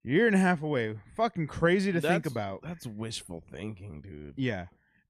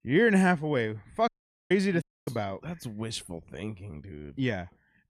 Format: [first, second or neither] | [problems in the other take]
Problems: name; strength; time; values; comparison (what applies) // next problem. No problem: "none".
first | audio cutting out; at 1.5 s and at 2 s